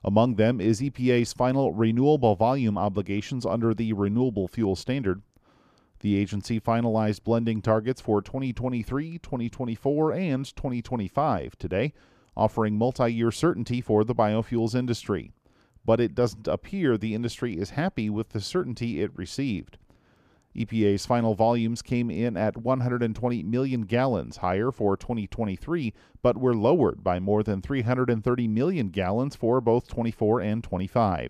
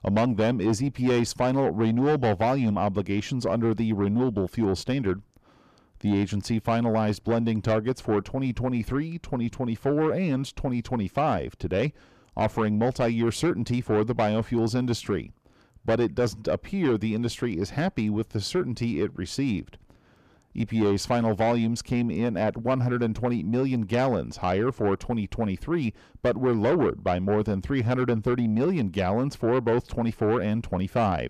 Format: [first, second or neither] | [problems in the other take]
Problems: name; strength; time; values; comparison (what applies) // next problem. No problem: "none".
first | distortion; slight; 10 dB below the speech